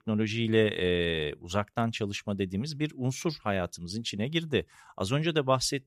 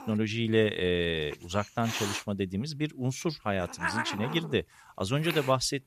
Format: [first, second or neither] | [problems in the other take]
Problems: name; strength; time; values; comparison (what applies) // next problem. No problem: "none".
first | hiss; loud; throughout; 6 dB below the speech